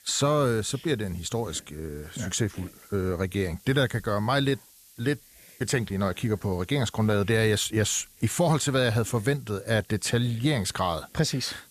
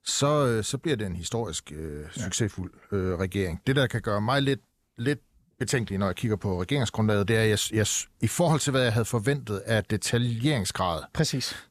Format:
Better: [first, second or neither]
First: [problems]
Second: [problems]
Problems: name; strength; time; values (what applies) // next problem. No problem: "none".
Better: second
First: hiss; faint; throughout; 25 dB below the speech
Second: none